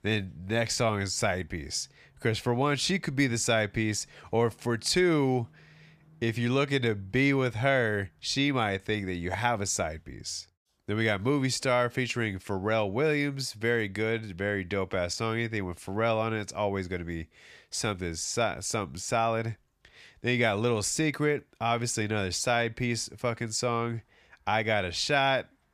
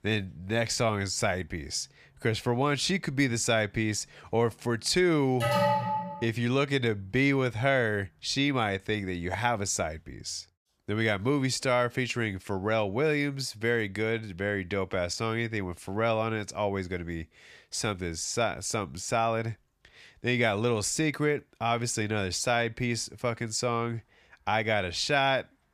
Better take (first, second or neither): first